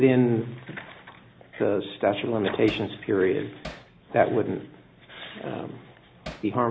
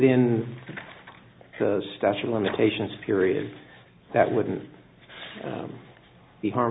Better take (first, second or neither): second